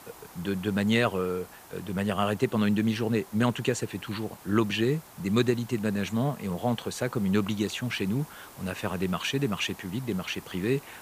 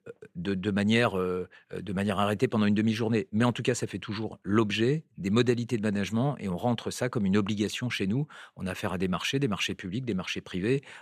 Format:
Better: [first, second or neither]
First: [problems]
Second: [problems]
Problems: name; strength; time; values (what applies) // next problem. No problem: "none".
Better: second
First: hiss; noticeable; throughout; 20 dB below the speech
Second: none